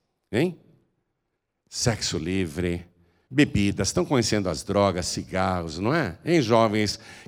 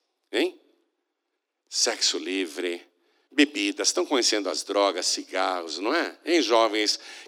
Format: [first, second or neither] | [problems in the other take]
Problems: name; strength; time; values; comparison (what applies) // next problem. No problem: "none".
first | thin; very slightly; fading below 300 Hz